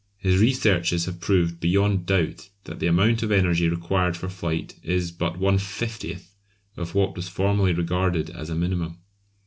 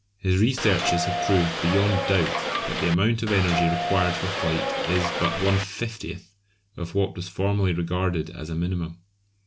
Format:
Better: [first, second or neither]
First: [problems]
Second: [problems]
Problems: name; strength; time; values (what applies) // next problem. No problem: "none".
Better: first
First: none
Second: background sound (Subway, metro, underground / Doorbell); 2 dB below the speech